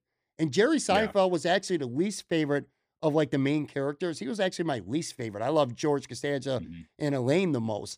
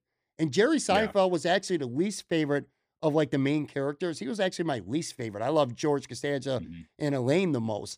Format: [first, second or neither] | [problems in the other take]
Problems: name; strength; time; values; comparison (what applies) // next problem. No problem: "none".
neither | none